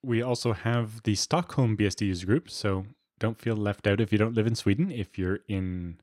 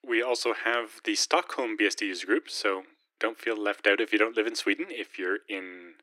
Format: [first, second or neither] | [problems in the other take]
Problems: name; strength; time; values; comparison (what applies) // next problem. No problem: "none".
first | thin; very; fading below 300 Hz